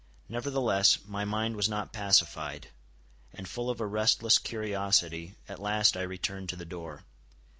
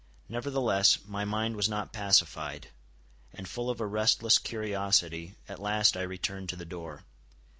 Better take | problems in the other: second | background sound (Glass); 17 dB below the speech

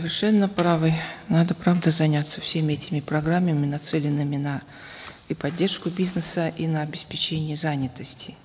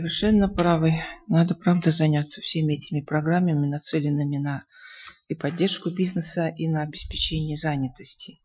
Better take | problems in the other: first | noise reduction (classical method Wiener filter)

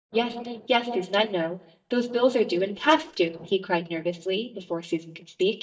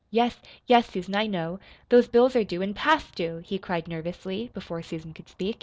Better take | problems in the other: second | noise reduction (neural mask model DeepFilterNet 3)

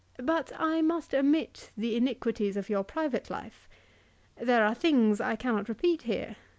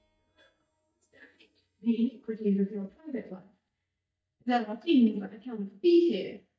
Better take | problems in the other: first | noise reduction (neural mask model DeepFilterNet 3)

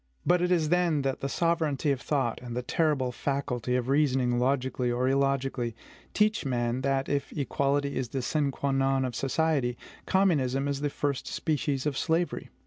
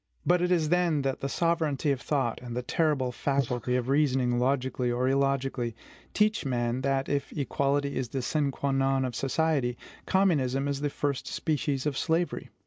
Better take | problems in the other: first | noise reduction (neural mask model Resemble Enhance denoiser)

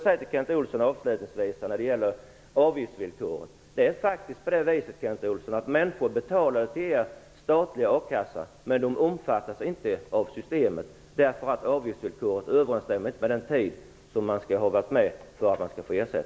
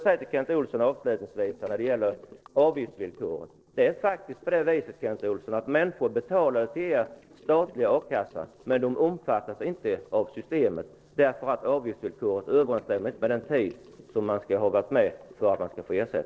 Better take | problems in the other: first | noise reduction (neural separator model SepFormer DNS4)

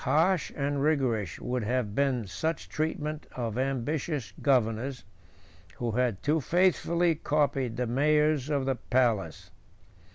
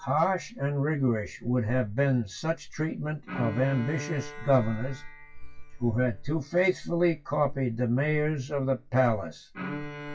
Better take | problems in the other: first | noise reduction (classical method WPE with log-MMSE)

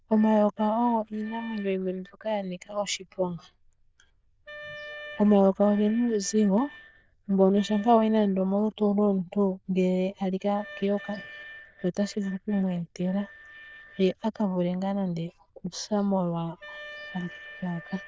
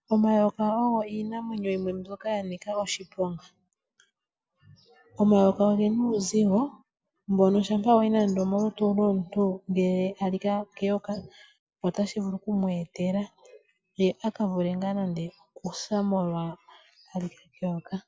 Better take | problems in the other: second | noise reduction (neural diffusion model UNIVERSE++)

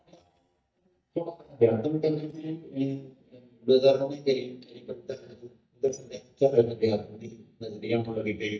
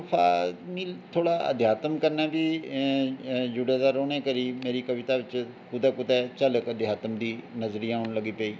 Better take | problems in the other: second | noise reduction (neural mask model DeepFilterNet 3)

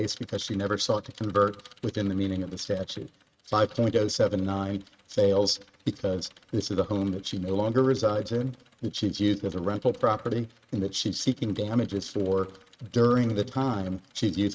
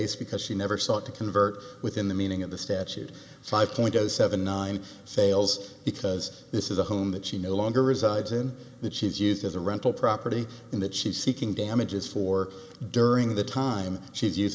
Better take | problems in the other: second | noise reduction (neural mask model RNNoise)

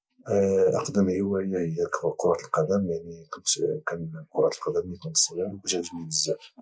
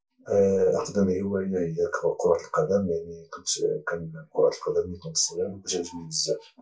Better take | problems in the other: first | room echo; dies away in 0.2 s

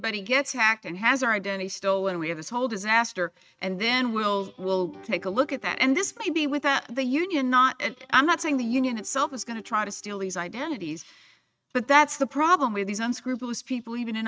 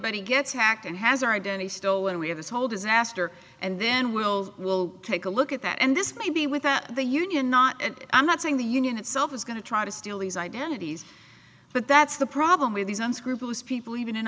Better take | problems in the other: second | noise reduction (neural mask model RNNoise)

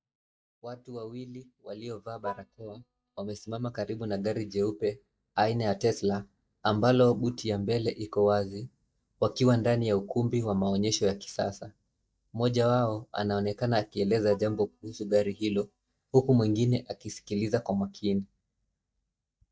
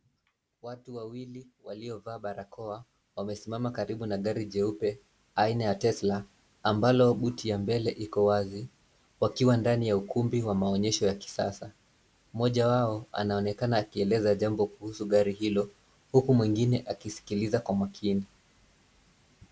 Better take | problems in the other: second | noise reduction (neural mask model DeepFilterNet 3)

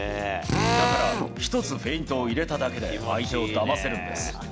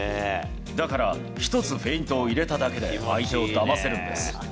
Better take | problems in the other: second | background sound (Drill); 1 dB above the speech

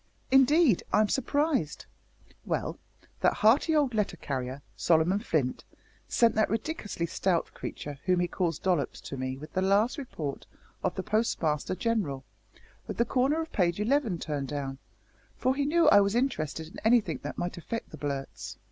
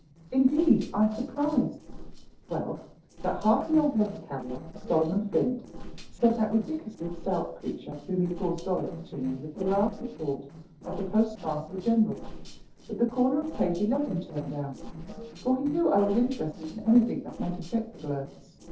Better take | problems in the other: first | noise reduction (neural separator model SepFormer DNS4)

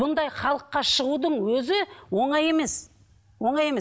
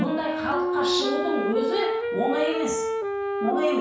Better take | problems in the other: first | background sound (Wind instrument, woodwind instrument); 1 dB above the speech // room echo; dies away in 0.5 s

